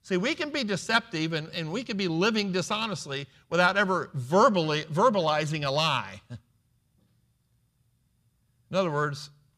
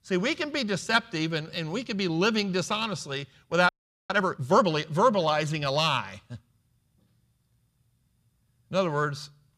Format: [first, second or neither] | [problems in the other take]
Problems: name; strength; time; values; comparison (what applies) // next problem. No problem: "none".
first | audio freezing; at 3.5 s